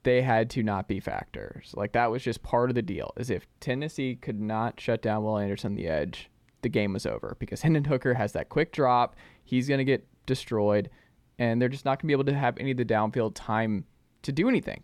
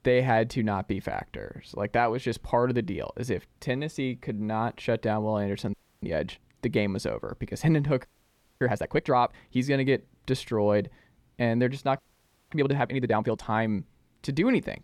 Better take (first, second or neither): first